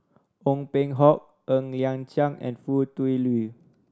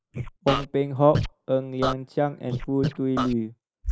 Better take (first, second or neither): first